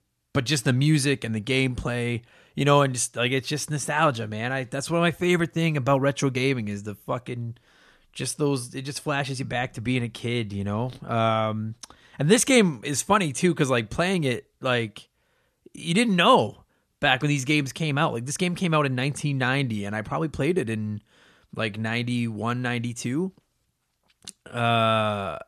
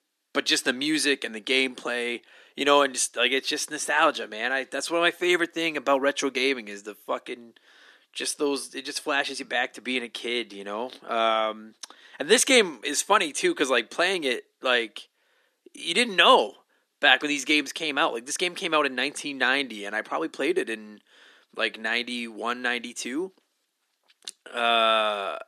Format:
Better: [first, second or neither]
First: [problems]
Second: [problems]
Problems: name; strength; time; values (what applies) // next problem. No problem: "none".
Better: first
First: none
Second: thin; somewhat; fading below 300 Hz